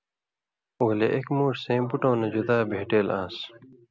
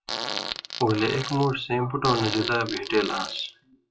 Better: first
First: none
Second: noise reduction (classical method WPE with log-MMSE)

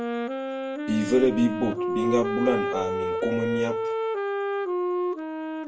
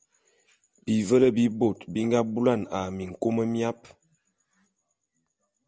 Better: second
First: background sound (Wind instrument, woodwind instrument); as loud as the speech // room echo; dies away in 0.3 s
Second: none

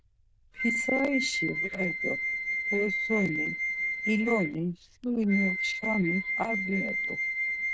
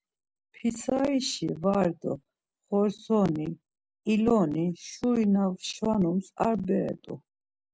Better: second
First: noise reduction (neural diffusion model UNIVERSE++)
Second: none

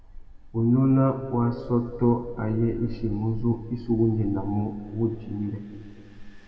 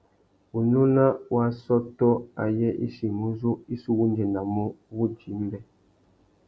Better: second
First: background sound (Engine); 14 dB below the speech // room echo; dies away in 2.2 s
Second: none

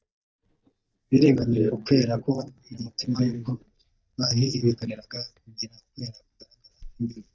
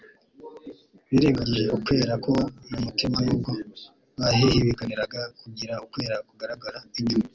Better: second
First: noise reduction (neural mask model DeepFilterNet 3)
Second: none

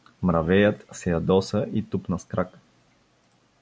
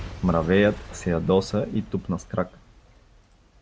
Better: first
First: none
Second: background sound (Shatter / Crushing / Boom); 16 dB below the speech

